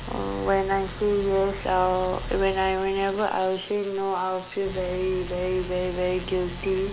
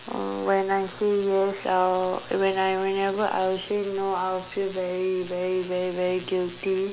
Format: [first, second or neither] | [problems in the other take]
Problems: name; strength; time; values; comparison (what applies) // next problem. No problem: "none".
second | background sound (Idling); 12 dB below the speech